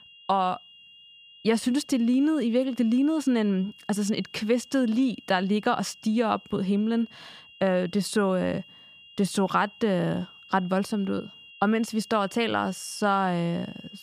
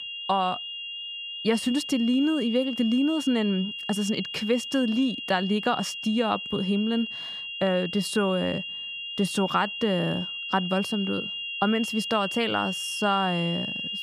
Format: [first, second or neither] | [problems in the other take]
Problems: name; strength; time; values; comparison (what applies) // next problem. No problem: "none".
first | high-pitched whine; loud; throughout; 3 kHz, 5 dB below the speech; faint in the first